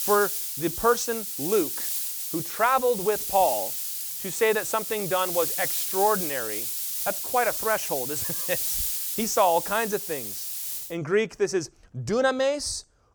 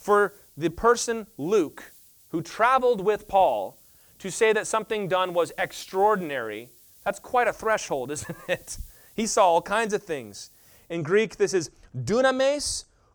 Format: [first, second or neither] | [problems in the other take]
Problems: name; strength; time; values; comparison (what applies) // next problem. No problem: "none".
second | hiss; loud; until 11 s; 2 dB below the speech; faint in the second